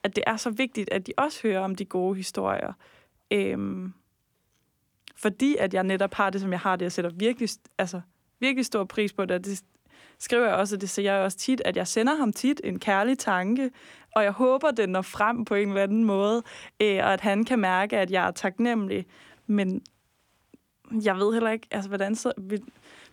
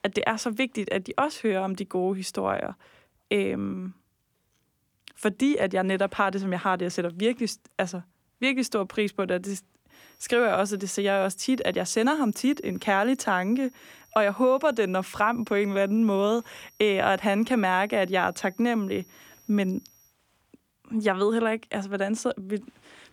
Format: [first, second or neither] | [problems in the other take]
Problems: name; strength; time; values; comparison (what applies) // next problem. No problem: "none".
first | high-pitched whine; faint; from 10 to 20 s; 5.5 kHz, 30 dB below the speech